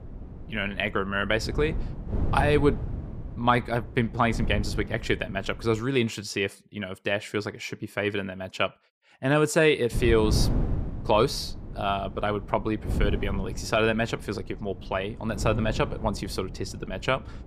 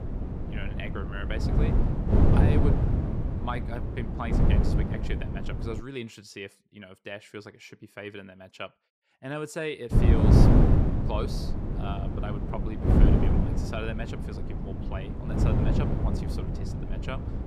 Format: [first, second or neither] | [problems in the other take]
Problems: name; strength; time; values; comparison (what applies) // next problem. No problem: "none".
first | wind noise on the microphone; heavy; until 6 s and from 10 s on; 3 dB above the speech; occasional gusts in the first